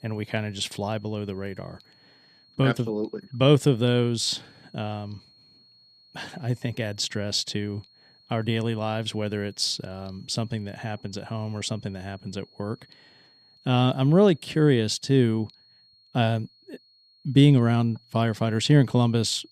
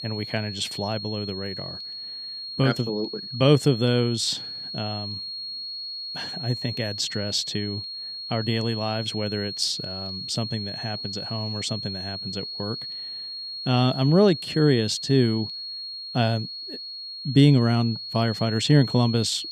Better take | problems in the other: first | high-pitched whine; loud; throughout; 4.5 kHz, 8 dB below the speech; faint in the first

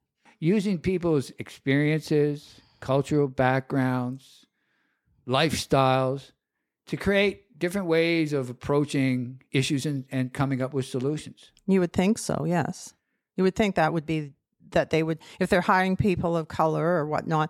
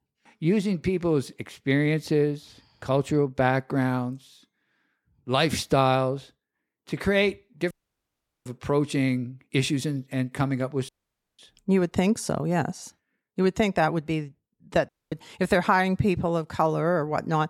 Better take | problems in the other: first | audio cutting out; at 7.5 s for 1 s, at 11 s and at 15 s

